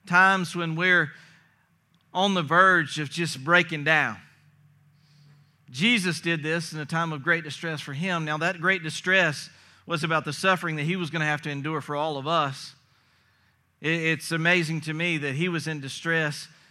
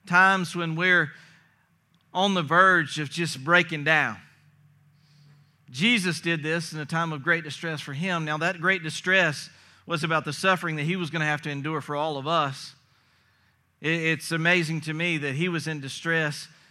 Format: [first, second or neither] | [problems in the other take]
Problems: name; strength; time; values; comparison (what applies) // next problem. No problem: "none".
neither | none